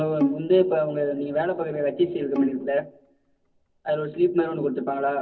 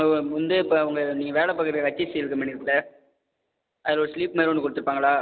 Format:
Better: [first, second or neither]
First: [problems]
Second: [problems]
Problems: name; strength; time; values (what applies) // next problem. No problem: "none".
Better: second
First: background sound (Bowed string instrument); 8 dB below the speech // room echo; dies away in 0.3 s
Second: none